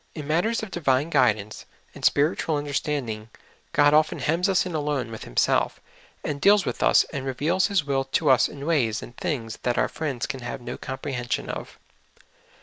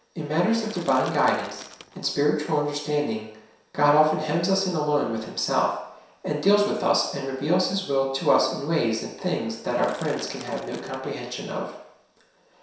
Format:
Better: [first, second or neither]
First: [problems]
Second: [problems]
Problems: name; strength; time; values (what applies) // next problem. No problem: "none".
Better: first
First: none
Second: background sound (Crushing); 19 dB below the speech // room echo; dies away in 0.7 s